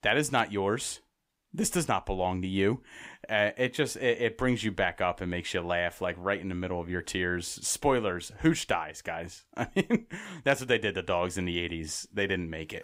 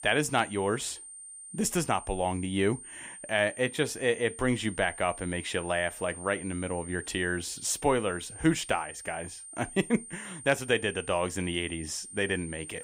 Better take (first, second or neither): first